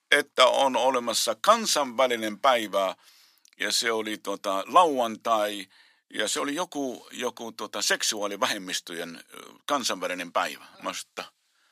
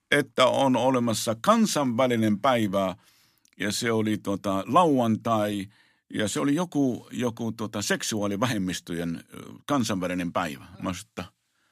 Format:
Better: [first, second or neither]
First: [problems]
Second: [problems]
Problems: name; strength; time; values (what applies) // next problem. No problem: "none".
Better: second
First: thin; somewhat; fading below 500 Hz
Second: none